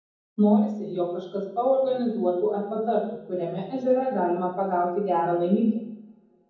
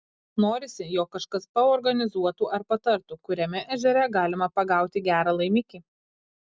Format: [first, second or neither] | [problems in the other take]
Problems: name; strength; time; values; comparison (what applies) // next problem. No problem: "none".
second | room echo; dies away in 1.2 s